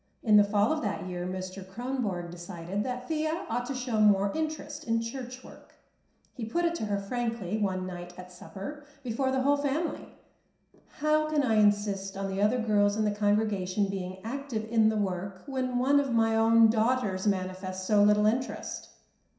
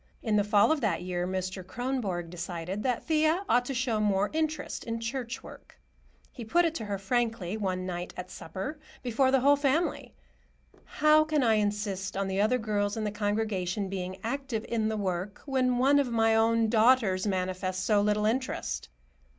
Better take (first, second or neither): second